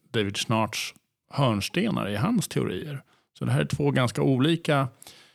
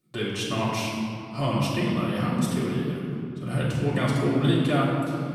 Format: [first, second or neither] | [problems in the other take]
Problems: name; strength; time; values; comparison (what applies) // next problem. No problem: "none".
first | off-mic speech; far // room echo; noticeable; dies away in 2.3 s